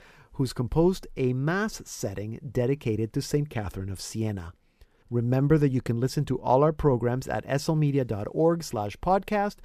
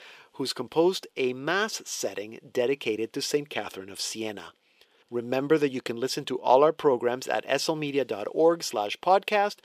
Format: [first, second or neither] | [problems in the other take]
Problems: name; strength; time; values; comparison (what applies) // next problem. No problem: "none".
first | thin; somewhat; fading below 400 Hz